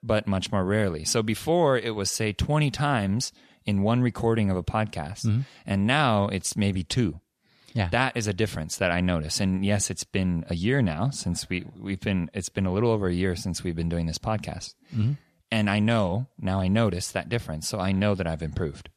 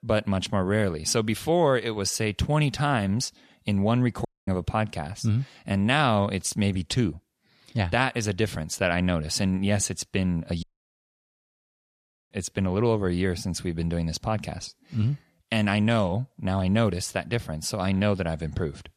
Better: first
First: none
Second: audio cutting out; at 4.5 s and at 11 s for 1.5 s

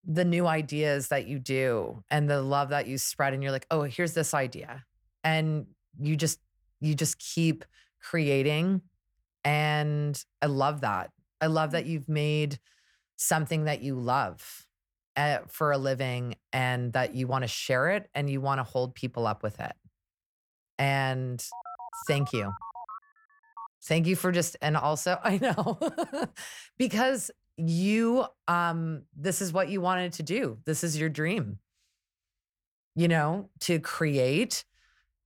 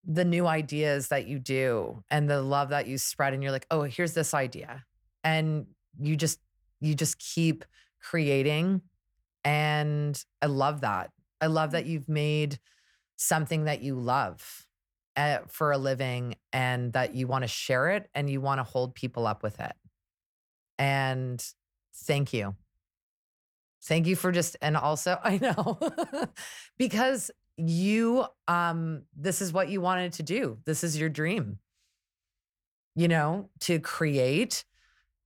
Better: second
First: phone ringing; faint; from 22 to 24 s; peak 10 dB below the speech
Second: none

